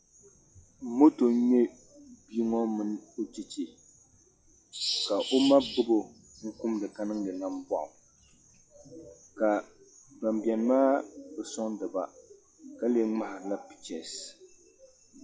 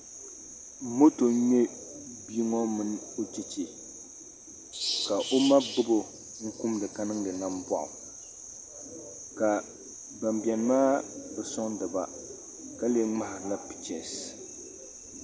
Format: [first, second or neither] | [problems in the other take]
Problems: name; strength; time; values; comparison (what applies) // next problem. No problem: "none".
second | noise reduction (classical method log-MMSE)